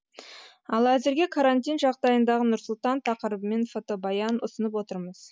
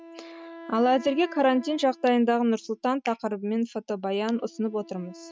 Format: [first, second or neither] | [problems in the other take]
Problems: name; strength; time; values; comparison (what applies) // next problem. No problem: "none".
first | noise reduction (neural mask model RNNoise)